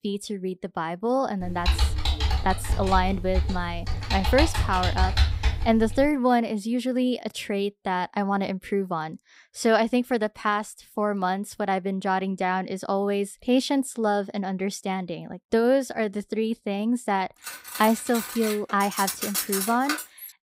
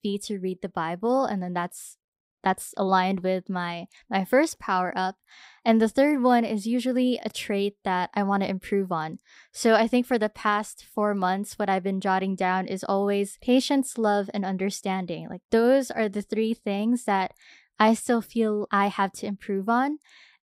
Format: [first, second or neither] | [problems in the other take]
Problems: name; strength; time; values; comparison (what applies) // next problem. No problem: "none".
second | keyboard typing; loud; from 1.5 to 6 s; peak 3 dB above the speech // clattering dishes; noticeable; from 17 s on; peak level with the speech